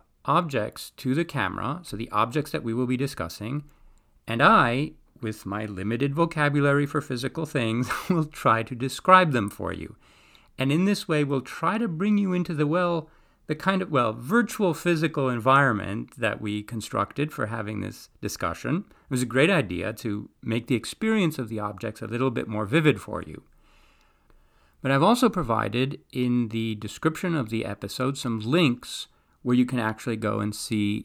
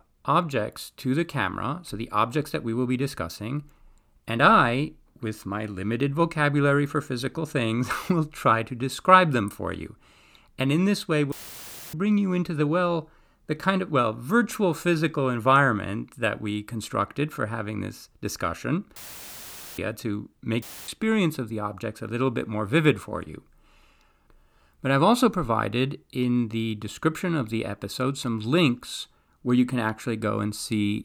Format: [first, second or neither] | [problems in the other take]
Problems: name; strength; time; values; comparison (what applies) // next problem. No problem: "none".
first | audio cutting out; filled with static; at 11 s for 0.5 s, at 19 s for 1 s and at 21 s